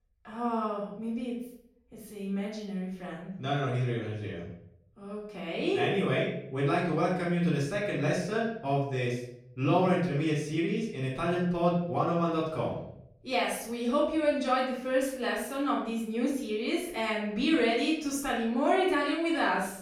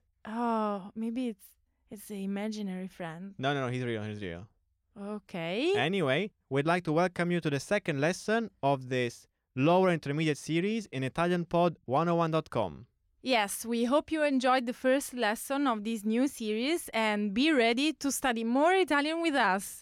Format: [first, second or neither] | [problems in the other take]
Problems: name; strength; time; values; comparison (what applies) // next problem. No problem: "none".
second | off-mic speech; far // room echo; noticeable; dies away in 0.6 s